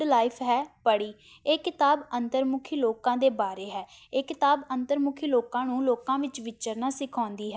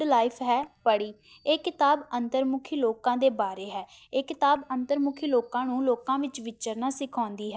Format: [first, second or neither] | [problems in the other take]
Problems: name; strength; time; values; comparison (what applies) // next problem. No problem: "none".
first | noise reduction (neural separator model SepFormer DNS4)